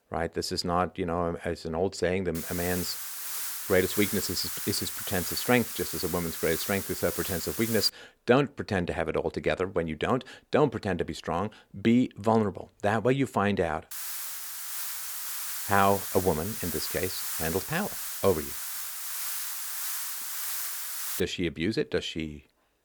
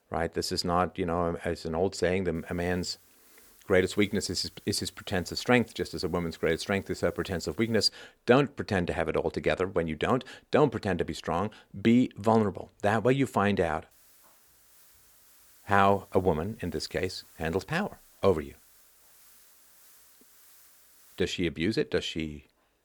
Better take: second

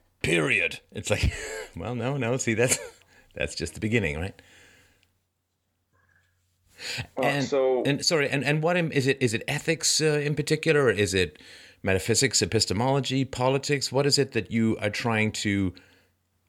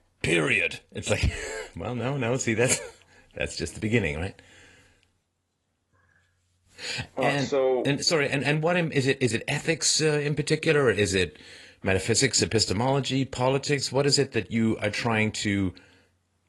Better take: first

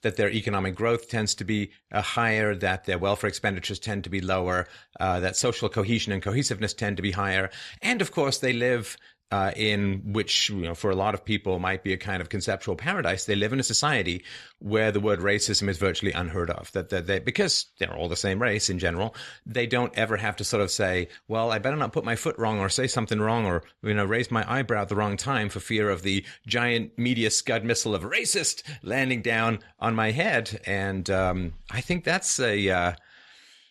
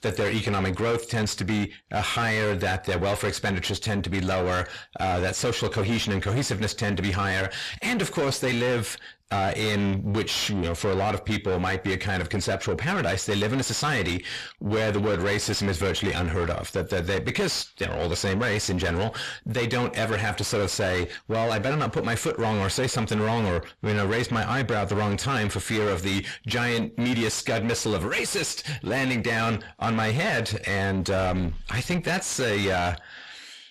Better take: first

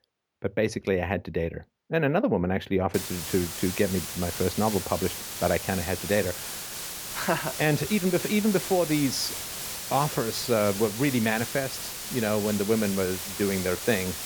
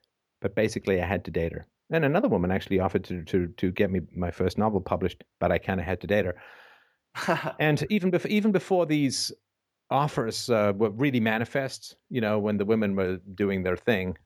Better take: second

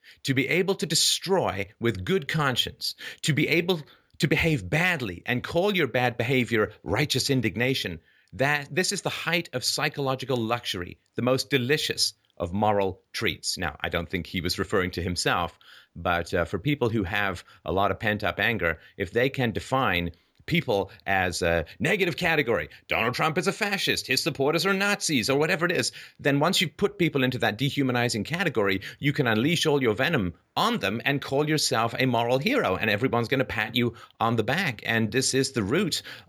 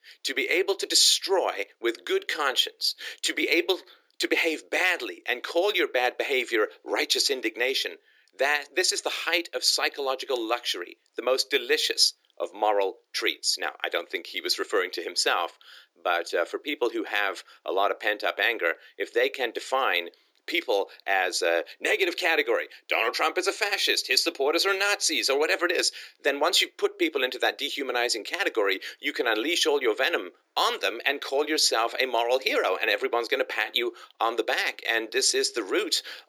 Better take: first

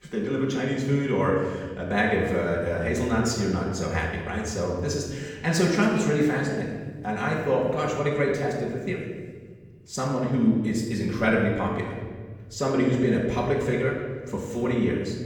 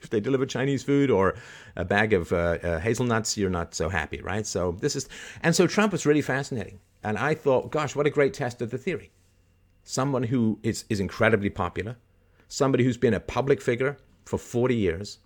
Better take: second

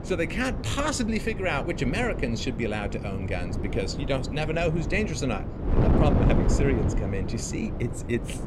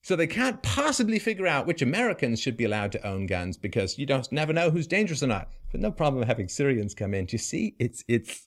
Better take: second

